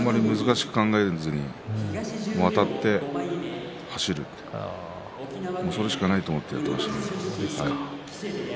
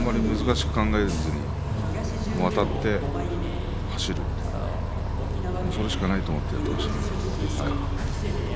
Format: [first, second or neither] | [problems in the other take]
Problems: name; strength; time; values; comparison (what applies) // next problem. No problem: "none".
first | background sound (Bus); 1 dB above the speech